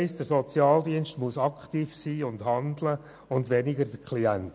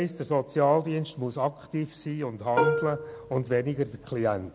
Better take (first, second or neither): first